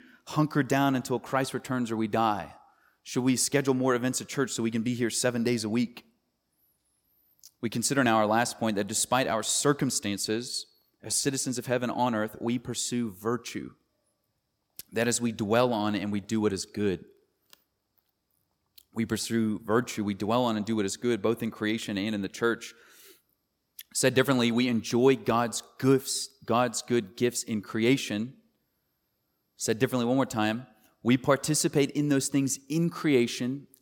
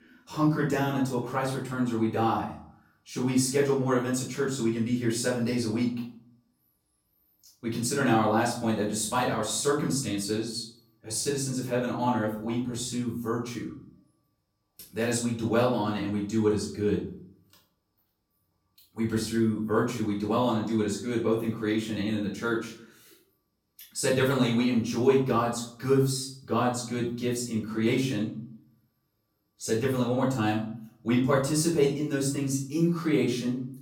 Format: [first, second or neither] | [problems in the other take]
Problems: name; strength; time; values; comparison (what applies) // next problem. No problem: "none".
first | off-mic speech; far // room echo; noticeable; dies away in 0.5 s